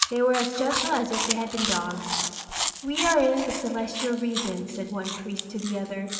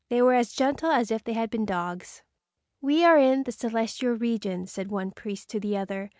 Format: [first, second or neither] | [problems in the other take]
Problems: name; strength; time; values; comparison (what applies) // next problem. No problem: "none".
second | background sound (Chewing, mastication); 4 dB below the speech // room echo; dies away in 2.7 s